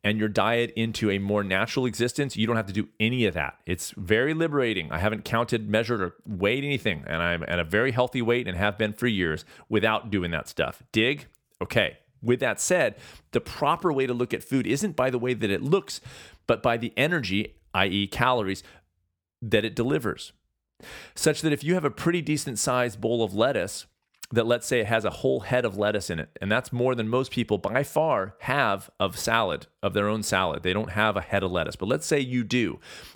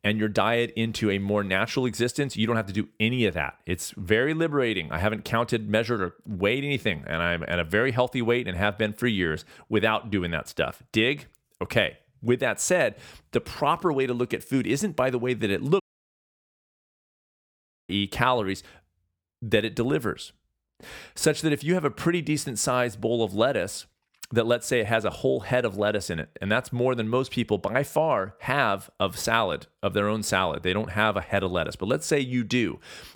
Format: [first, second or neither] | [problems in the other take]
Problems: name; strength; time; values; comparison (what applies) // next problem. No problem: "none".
first | audio cutting out; at 16 s for 2 s